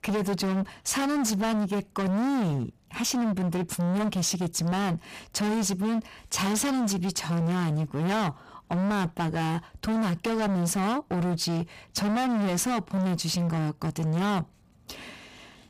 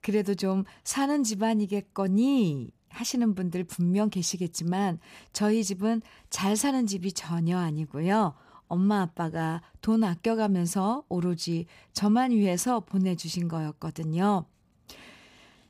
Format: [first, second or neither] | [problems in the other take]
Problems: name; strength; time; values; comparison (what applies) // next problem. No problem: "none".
second | distortion; heavy; 36% of the sound clipped